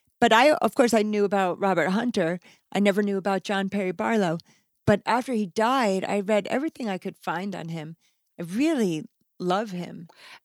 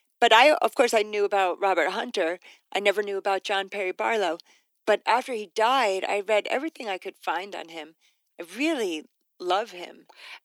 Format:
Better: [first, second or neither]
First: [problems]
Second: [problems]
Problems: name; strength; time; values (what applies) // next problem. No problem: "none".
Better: first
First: none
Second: thin; somewhat; fading below 300 Hz